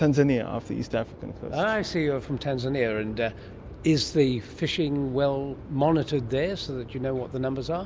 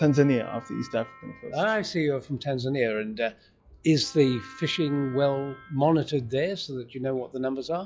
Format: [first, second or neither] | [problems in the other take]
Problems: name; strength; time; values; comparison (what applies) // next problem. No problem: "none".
first | noise reduction (classical method log-MMSE)